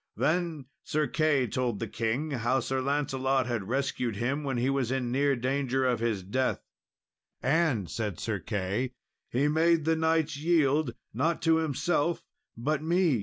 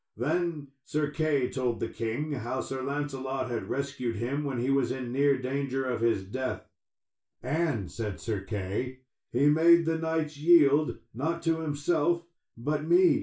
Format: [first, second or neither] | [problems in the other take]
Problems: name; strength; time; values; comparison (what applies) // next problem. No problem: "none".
first | room echo; dies away in 0.3 s